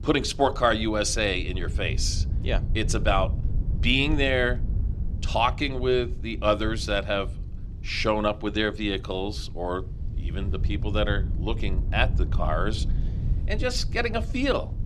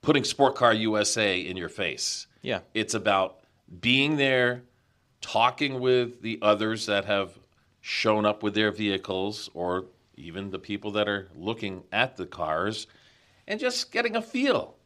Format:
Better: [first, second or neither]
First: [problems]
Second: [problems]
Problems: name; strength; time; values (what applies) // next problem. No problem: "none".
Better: second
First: wind noise on the microphone; occasional gusts; 20 dB below the speech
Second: none